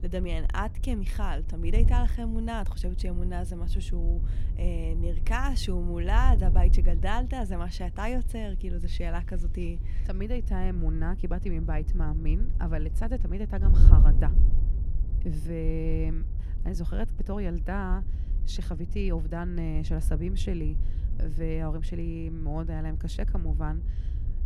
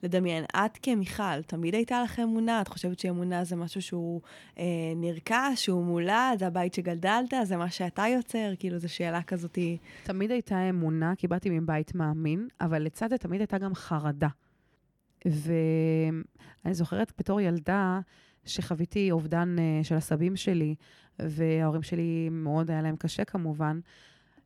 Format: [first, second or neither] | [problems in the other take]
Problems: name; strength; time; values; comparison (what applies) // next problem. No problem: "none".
second | wind noise on the microphone; occasional gusts; 10 dB below the speech